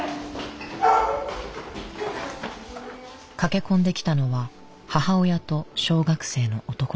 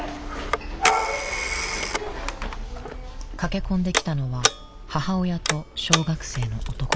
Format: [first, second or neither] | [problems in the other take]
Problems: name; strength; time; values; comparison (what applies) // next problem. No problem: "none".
first | background sound (Telephone); as loud as the speech